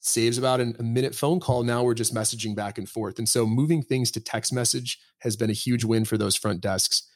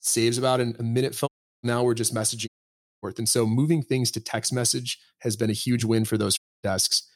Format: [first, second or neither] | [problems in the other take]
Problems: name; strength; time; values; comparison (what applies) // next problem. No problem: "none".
first | audio cutting out; at 1.5 s, at 2.5 s for 0.5 s and at 6.5 s